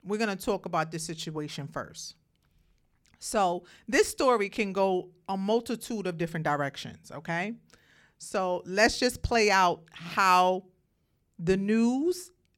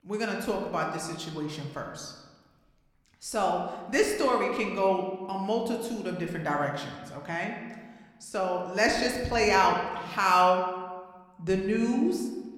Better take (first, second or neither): first